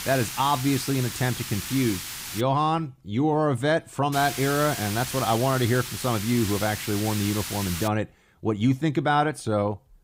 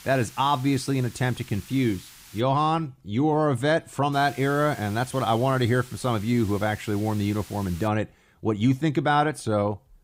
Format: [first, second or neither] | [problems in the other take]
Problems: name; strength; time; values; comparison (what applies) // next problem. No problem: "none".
second | hiss; loud; until 2.5 s and from 4 to 8 s; 7 dB below the speech; faint in the second